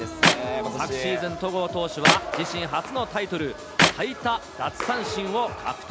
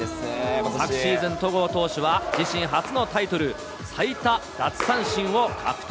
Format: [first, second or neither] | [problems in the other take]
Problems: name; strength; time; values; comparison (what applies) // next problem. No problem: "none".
second | background sound (Clapping); 2 dB above the speech